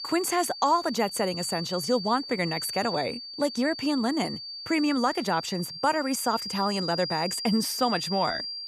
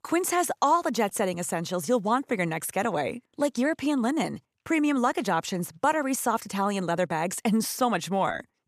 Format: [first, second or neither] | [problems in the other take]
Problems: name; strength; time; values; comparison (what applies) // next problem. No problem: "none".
second | high-pitched whine; loud; throughout; 4.5 kHz, 6 dB below the speech